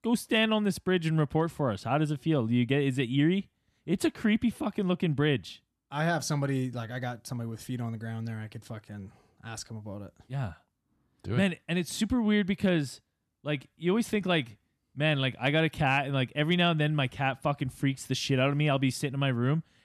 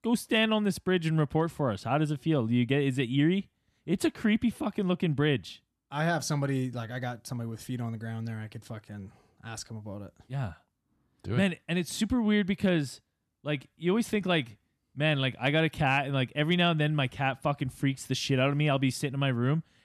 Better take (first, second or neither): neither